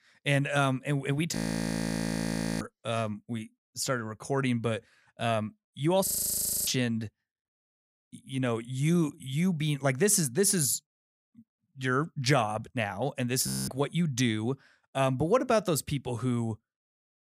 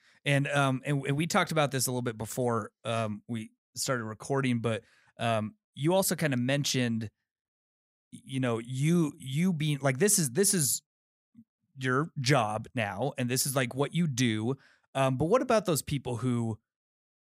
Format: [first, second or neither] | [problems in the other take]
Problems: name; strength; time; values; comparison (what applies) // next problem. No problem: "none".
second | audio freezing; at 1.5 s for 1.5 s, at 6 s for 0.5 s and at 13 s